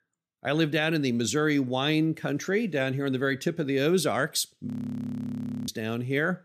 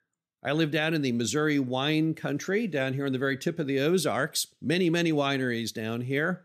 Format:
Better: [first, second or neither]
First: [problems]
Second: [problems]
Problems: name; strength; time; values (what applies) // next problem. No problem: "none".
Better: second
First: audio freezing; at 4.5 s for 1 s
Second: none